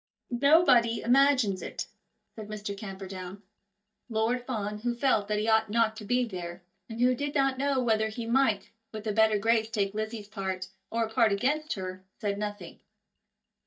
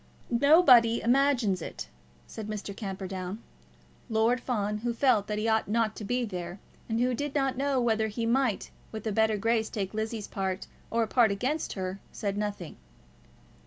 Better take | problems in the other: second | noise reduction (neural mask model DeepFilterNet 3)

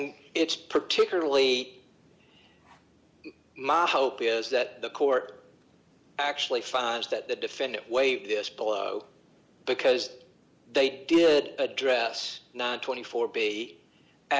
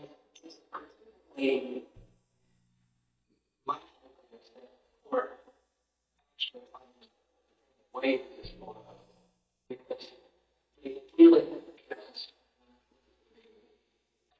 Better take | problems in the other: first | noise reduction (neural mask model DeepFilterNet 3)

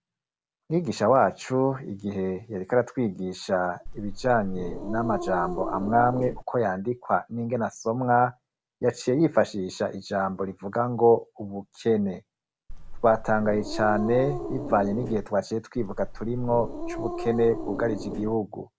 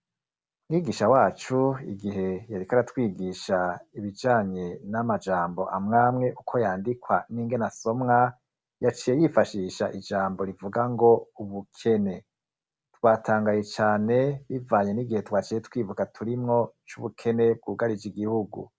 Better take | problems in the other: second | background sound (Growling); 7 dB below the speech

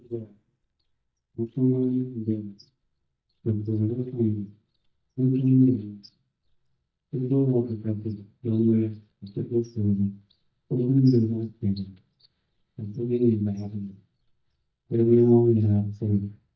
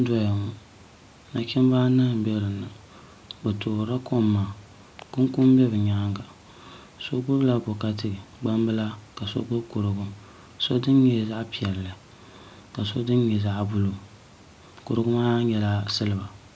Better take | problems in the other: second | noise reduction (neural mask model DeepFilterNet 3)

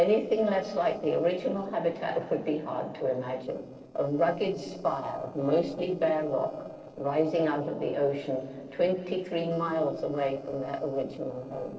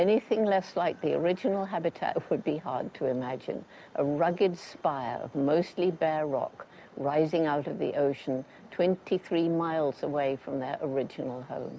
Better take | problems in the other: second | noise reduction (neural separator model SepFormer DNS4)

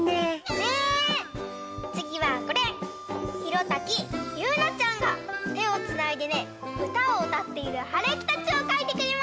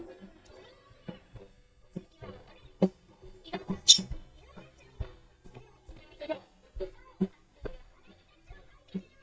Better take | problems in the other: first | noise reduction (neural mask model DeepFilterNet 3)

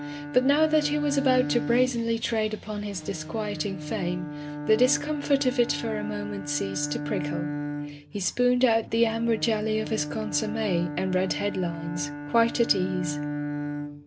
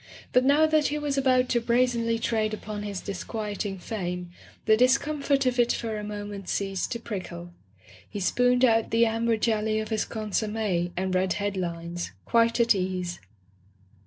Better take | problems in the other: second | background sound (Bowed string instrument); 7 dB below the speech

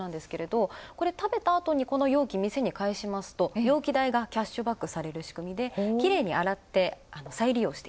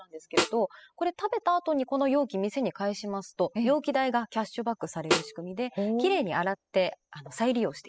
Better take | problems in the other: first | noise reduction (classical method spectral subtraction)

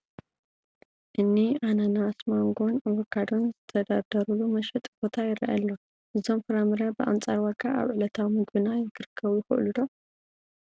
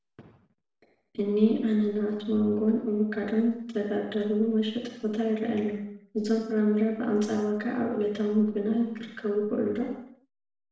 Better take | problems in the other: first | room echo; dies away in 0.6 s

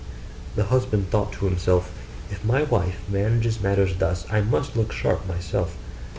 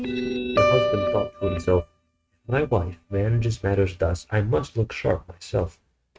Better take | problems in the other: first | noise reduction (neural mask model RNNoise)

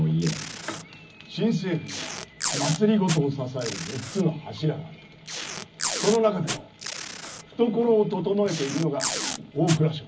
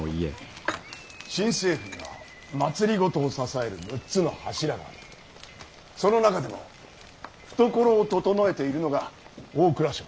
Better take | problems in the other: second | background sound (Packing tape, duct tape); 9 dB below the speech // room echo; dies away in 0.4 s

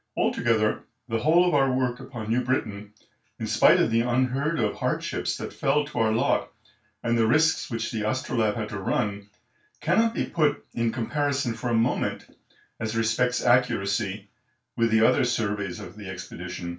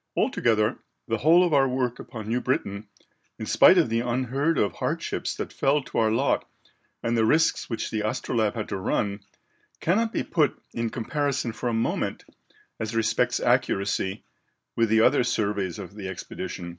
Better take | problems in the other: second | room echo; dies away in 0.3 s

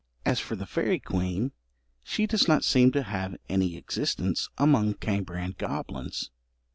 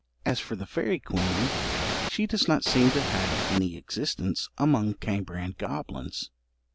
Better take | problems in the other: first | background sound (Ocean / Boat, Water vehicle); 1 dB below the speech

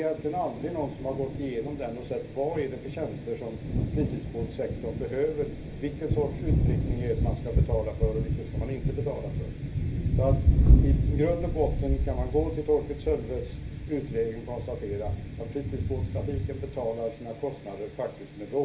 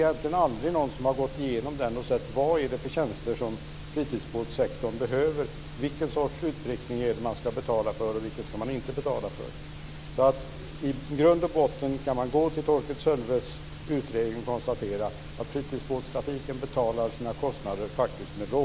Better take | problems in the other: second | background sound (Thunder); 3 dB above the speech // room echo; dies away in 0.3 s

